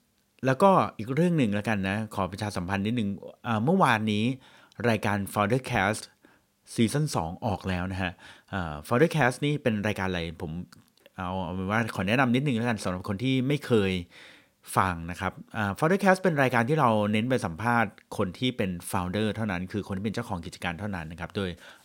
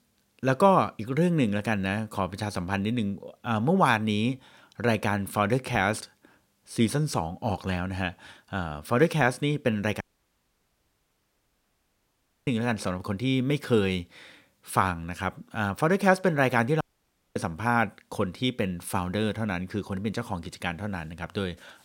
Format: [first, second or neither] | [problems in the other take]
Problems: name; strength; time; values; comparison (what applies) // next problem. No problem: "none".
first | audio cutting out; at 10 s for 2.5 s and at 17 s for 0.5 s